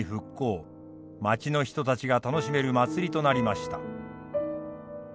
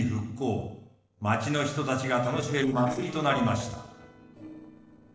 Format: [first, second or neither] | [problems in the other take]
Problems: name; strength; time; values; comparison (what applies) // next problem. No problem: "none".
first | noise reduction (neural separator model SepFormer DNS4)